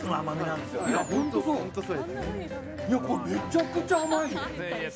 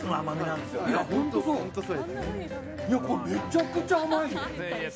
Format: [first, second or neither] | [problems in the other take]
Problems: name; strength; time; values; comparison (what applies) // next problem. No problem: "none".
second | background sound (Animal); 19 dB below the speech